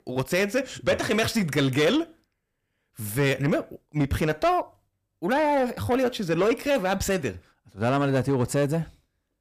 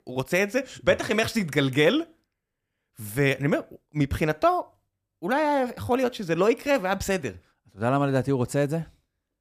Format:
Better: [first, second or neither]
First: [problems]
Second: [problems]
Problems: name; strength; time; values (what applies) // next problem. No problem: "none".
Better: second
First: distortion; slight; 10 dB below the speech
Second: none